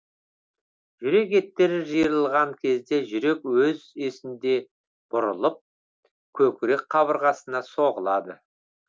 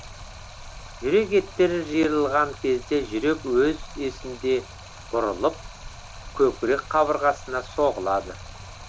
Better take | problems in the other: first | background sound (Stream); 15 dB below the speech

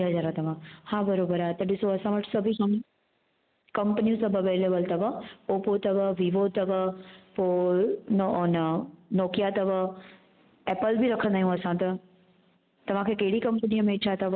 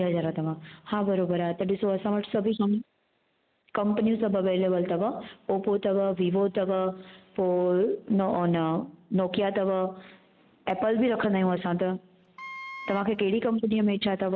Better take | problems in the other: first | background sound (Wind instrument, woodwind instrument); 15 dB below the speech

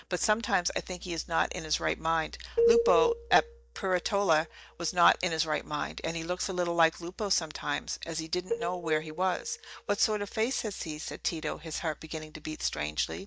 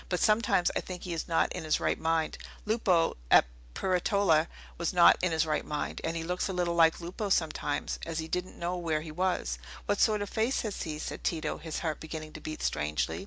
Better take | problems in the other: second | noise reduction (neural mask model DeepFilterNet 3)

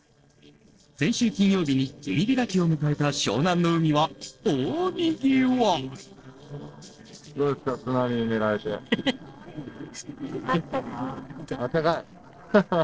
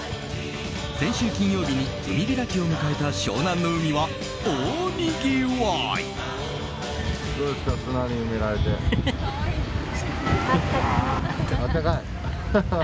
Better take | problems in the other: second | noise reduction (neural separator model SepFormer DNS4)

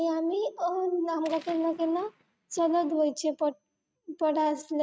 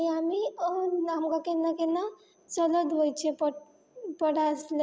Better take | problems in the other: second | noise reduction (neural mask model RNNoise)

